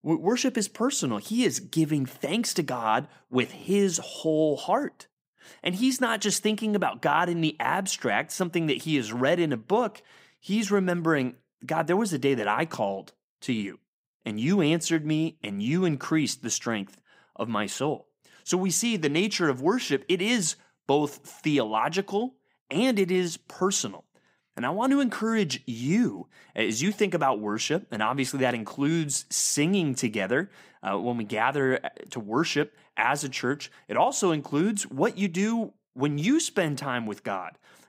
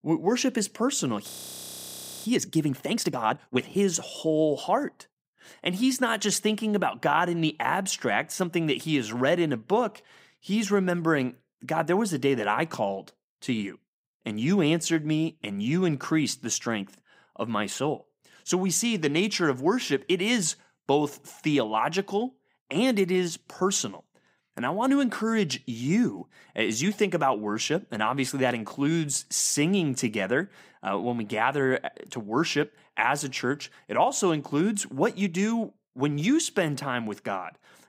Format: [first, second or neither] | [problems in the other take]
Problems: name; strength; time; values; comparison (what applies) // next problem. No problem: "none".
first | audio freezing; at 1.5 s for 1 s